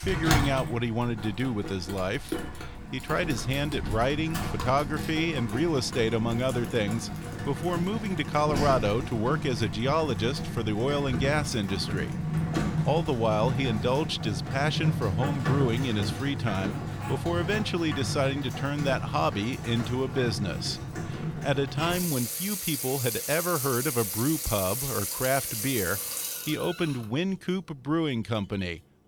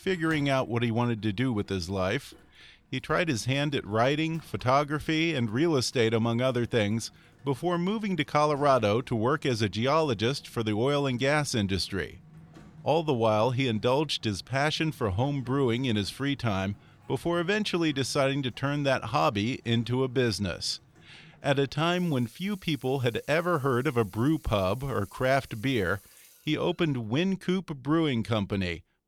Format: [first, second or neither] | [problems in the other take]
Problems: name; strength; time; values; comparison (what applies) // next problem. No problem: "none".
second | household noises; loud; throughout; 3 dB below the speech; faint in the second